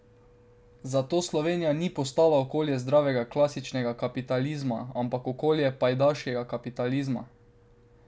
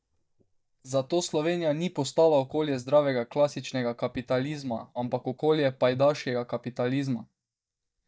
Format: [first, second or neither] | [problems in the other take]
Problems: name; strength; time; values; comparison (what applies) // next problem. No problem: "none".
first | noise reduction (neural mask model DeepFilterNet 3)